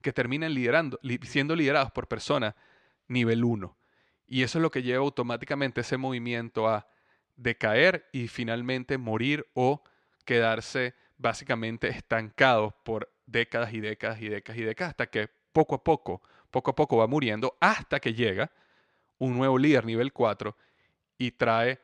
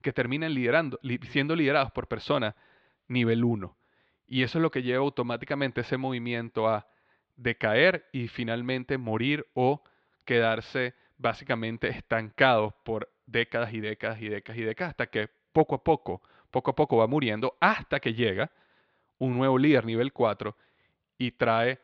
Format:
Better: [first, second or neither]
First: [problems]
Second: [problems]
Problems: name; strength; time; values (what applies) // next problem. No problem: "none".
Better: first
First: none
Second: muffled; very slightly; fading above 4 kHz